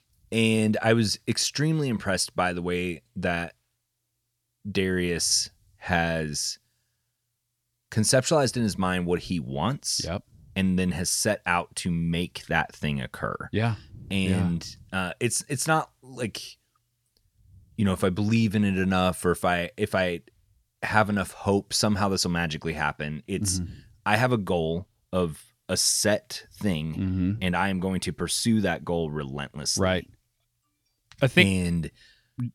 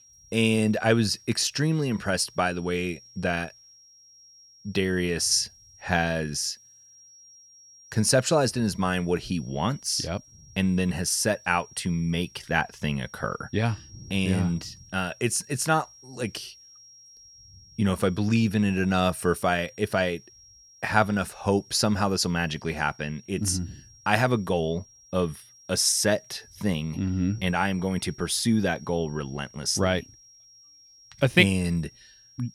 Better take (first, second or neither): first